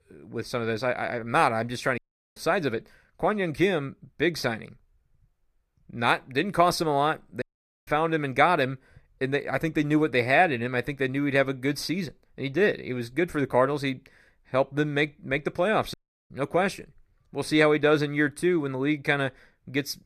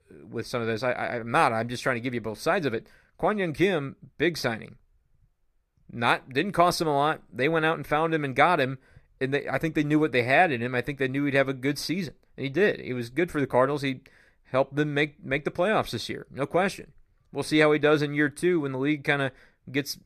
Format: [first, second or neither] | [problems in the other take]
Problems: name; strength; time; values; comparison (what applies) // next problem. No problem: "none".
second | audio cutting out; at 2 s, at 7.5 s and at 16 s